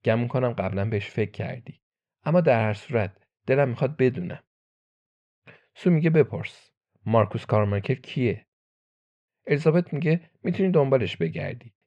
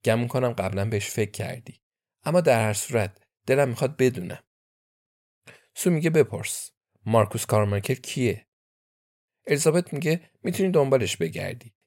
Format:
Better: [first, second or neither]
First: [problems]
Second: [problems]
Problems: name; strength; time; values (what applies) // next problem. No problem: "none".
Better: second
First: muffled; very; fading above 3 kHz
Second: none